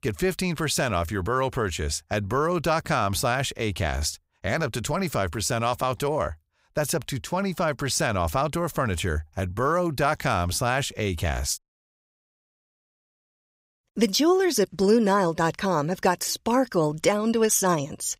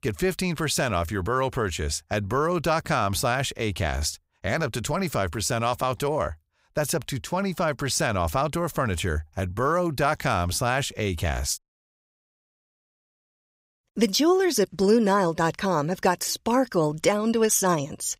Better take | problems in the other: neither | audio cutting out; at 12 s for 2.5 s; the same in both

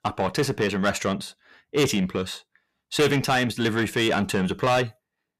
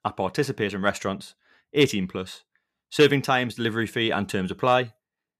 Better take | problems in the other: second | distortion; heavy; 7 dB below the speech

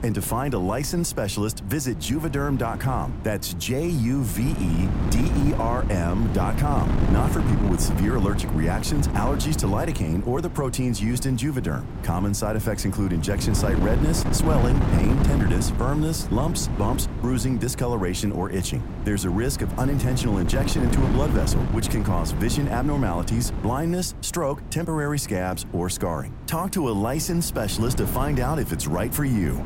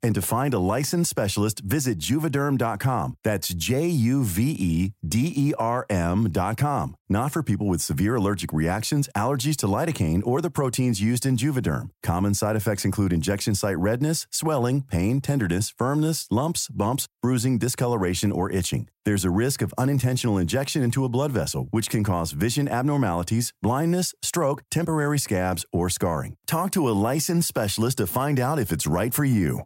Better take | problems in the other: second | wind noise on the microphone; heavy; 7 dB below the speech

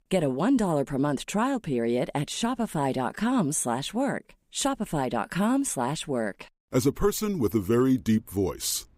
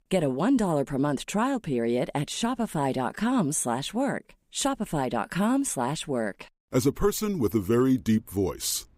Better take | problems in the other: neither | none

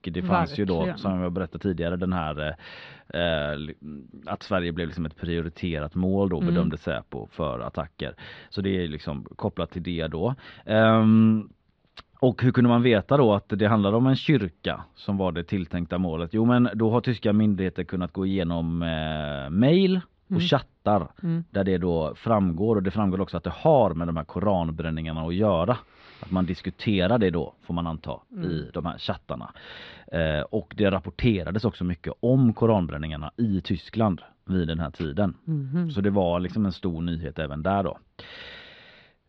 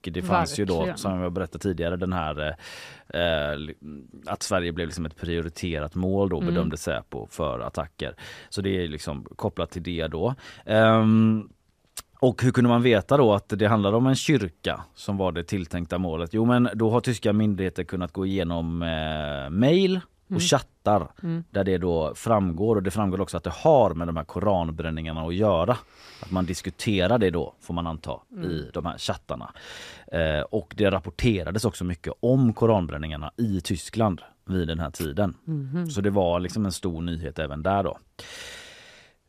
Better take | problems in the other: second | muffled; slightly; fading above 4 kHz

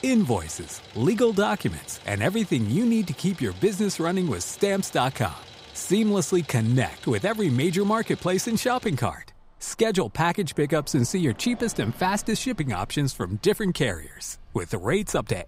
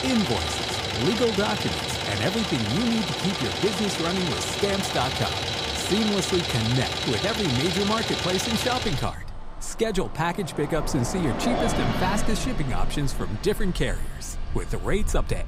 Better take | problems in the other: first | traffic noise; loud; throughout; as loud as the speech; faint in the first

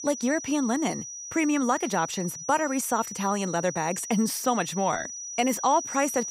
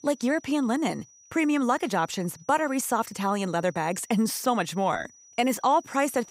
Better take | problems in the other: second | high-pitched whine; loud; throughout; 6 kHz, 8 dB below the speech; faint in the second

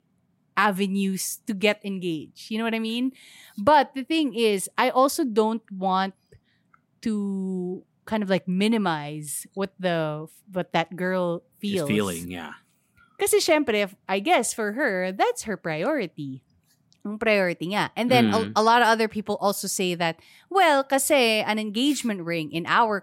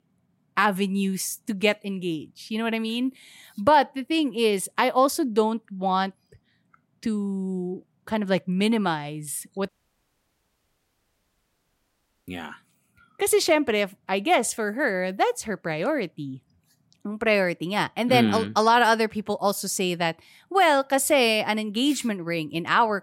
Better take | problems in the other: first | audio cutting out; at 9.5 s for 2.5 s

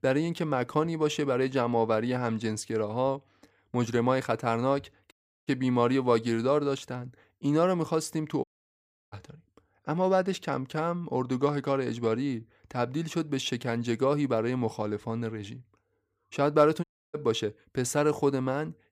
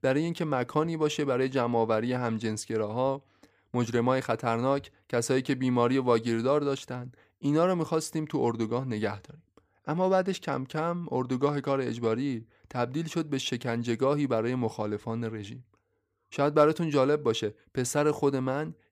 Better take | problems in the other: second | audio cutting out; at 5 s, at 8.5 s for 0.5 s and at 17 s

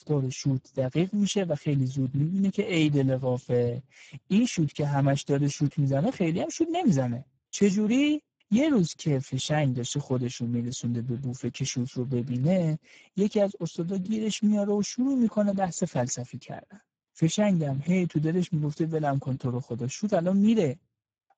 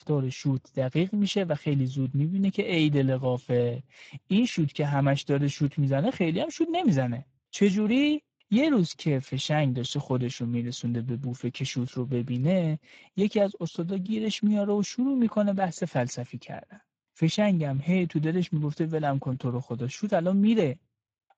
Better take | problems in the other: second | garbled, watery; badly; nothing above 7.5 kHz; slightly in the second

